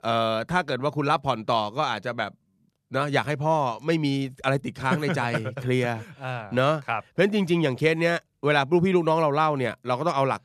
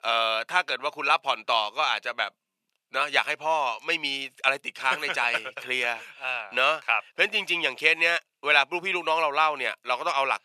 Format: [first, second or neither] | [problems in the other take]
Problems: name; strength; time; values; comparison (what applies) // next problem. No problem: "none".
first | thin; very; fading below 800 Hz